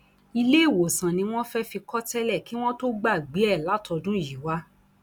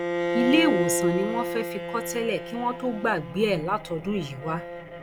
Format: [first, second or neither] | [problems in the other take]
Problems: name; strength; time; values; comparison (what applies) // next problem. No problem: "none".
first | background sound (Bowed string instrument); 3 dB below the speech